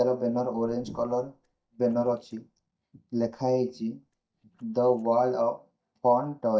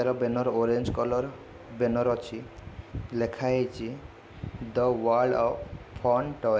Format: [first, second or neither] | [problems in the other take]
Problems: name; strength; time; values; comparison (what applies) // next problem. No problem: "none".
second | noise reduction (neural mask model DeepFilterNet 3)